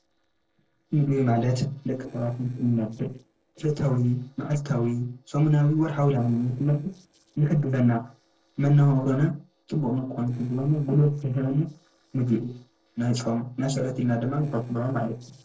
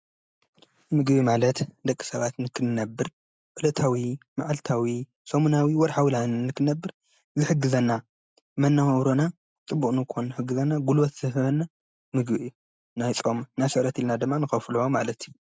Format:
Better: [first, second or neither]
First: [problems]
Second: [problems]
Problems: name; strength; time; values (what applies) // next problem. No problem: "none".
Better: second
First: noise reduction (neural separator model SepFormer DNS4)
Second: none